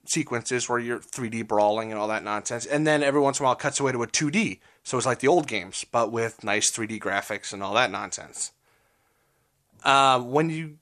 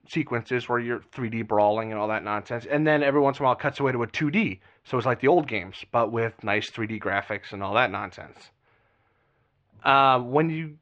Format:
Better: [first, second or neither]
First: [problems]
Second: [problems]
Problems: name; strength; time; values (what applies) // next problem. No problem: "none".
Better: first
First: none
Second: muffled; very; fading above 3 kHz